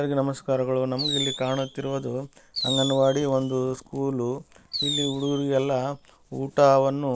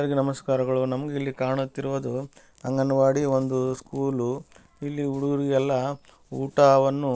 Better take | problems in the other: second | background sound (Fireworks); 8 dB below the speech

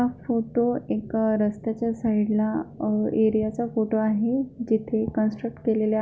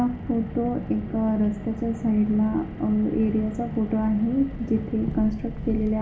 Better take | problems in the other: first | background sound (Car); 10 dB below the speech // room echo; dies away in 0.4 s

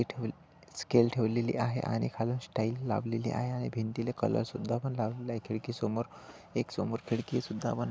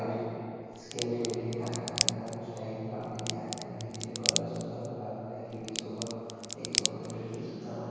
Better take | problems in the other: first | background sound (Crack); 1 dB above the speech // room echo; dies away in 2.2 s

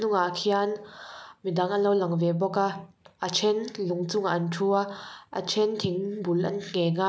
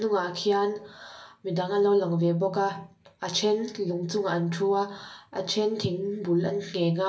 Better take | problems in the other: first | room echo; dies away in 0.2 s

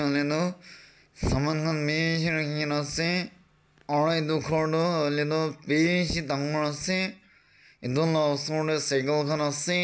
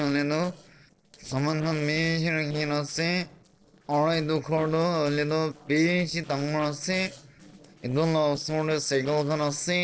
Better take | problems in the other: first | noise reduction (neural separator model SepFormer DNS4)

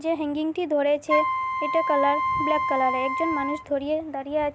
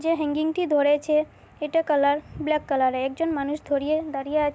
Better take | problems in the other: second | background sound (Wind instrument, woodwind instrument); 1 dB below the speech

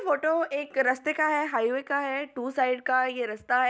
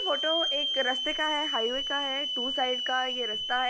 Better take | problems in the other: first | background sound (Hiss / Alarm); as loud as the speech

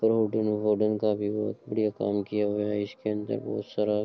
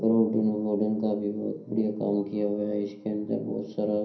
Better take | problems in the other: first | room echo; dies away in 0.6 s

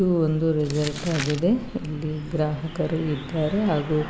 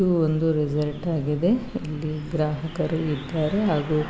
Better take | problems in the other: second | background sound (Crumpling, crinkling); 14 dB below the speech

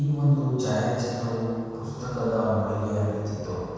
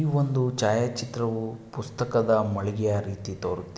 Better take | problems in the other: second | room echo; dies away in 2.1 s

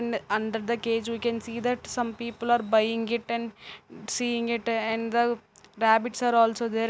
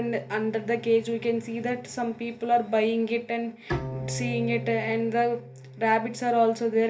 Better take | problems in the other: first | background sound (Bowed string instrument); 12 dB below the speech // room echo; dies away in 0.3 s

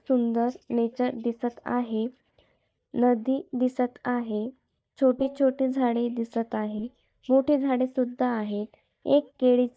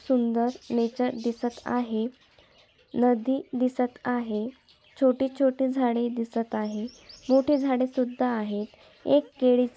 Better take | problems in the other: second | noise reduction (neural mask model DeepFilterNet 3)

